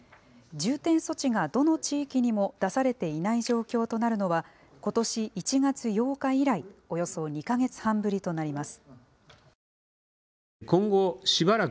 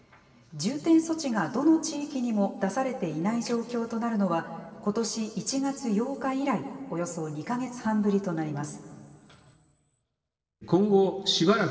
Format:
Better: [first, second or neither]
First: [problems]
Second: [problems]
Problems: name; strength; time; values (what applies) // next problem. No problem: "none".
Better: first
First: none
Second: room echo; dies away in 2 s